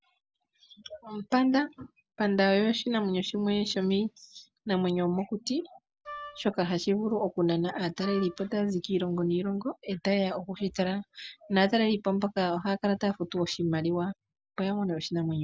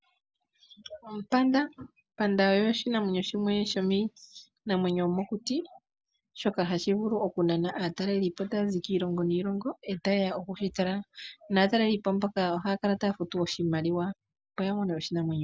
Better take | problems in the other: second | background sound (Wind instrument, woodwind instrument); 15 dB below the speech

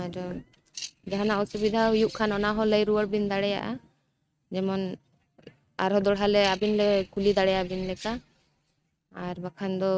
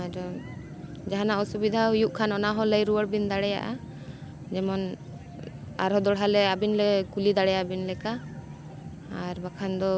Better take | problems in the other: second | noise reduction (neural mask model RNNoise)

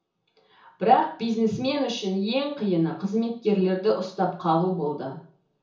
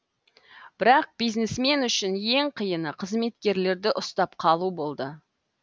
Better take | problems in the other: second | room echo; dies away in 0.7 s

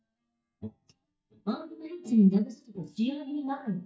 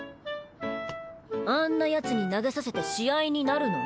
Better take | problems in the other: second | noise reduction (neural mask model DeepFilterNet 3)

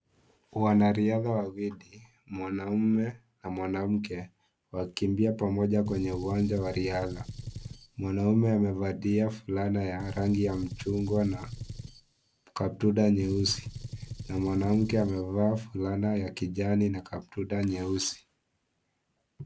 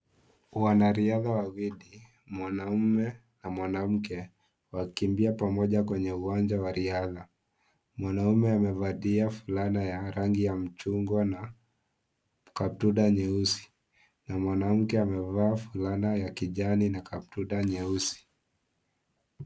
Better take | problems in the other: second | background sound (Gunshot, gunfire); 12 dB below the speech

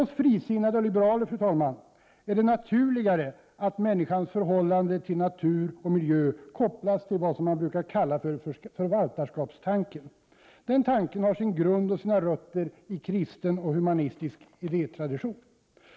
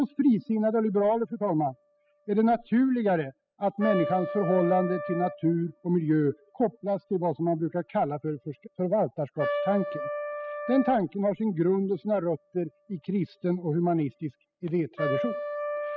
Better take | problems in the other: first | noise reduction (classical method spectral subtraction)

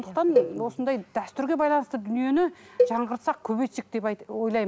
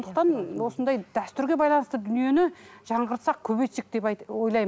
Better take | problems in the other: second | background sound (Cowbell); 3 dB below the speech

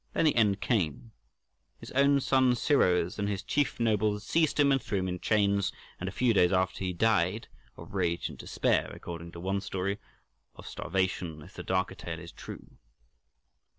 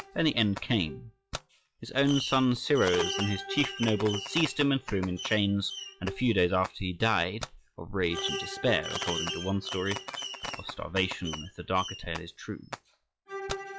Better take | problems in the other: first | noise reduction (classical method log-MMSE)

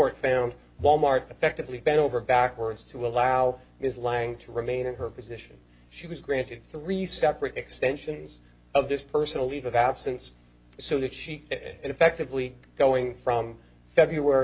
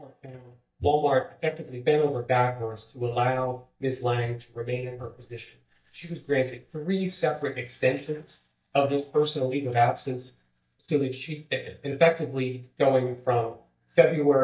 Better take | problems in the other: first | noise reduction (neural mask model DeepFilterNet 3)

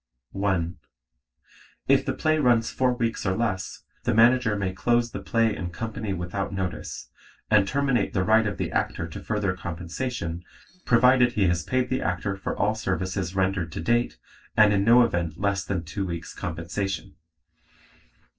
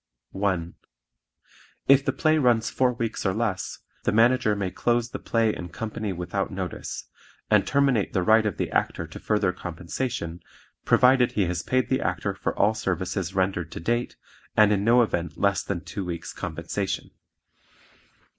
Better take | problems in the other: second | noise reduction (neural separator model SepFormer DNS4)

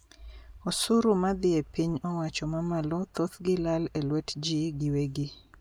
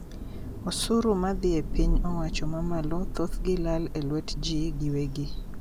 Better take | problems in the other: first | background sound (Thunder / Rain); as loud as the speech

